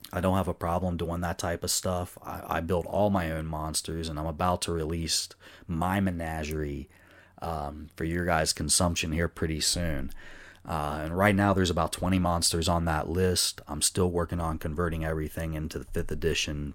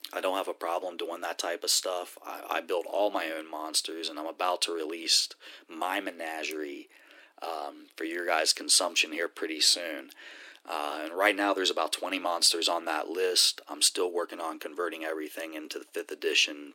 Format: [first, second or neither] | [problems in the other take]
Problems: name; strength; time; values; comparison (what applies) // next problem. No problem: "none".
first | thin; very; fading below 300 Hz